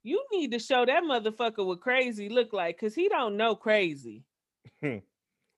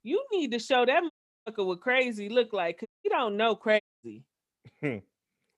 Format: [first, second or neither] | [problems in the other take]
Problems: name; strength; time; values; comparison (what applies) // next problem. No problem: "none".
first | audio cutting out; at 1 s, at 3 s and at 4 s